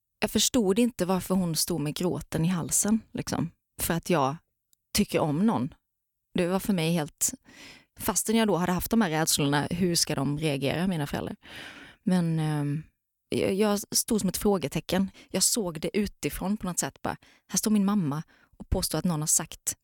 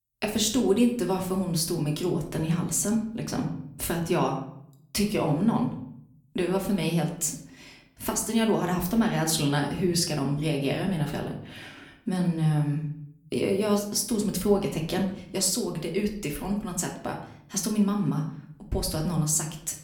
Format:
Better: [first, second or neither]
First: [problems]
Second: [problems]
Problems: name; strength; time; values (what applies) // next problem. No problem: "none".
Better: first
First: none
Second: room echo; slight; dies away in 0.6 s // off-mic speech; somewhat distant